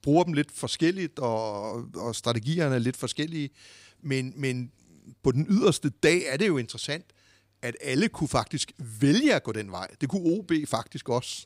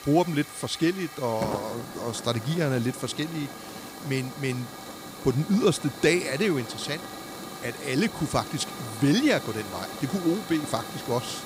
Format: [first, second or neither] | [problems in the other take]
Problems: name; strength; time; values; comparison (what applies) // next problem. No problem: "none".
first | hiss; noticeable; throughout; 10 dB below the speech